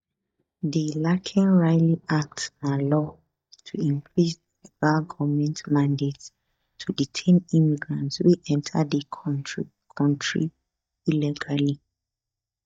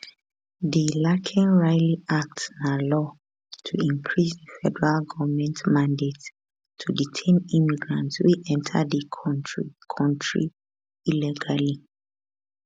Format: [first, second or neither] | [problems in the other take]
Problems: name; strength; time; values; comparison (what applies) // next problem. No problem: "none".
second | noise reduction (neural mask model DeepFilterNet 3)